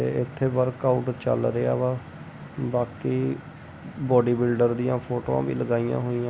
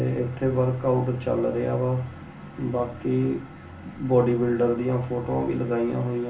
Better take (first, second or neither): first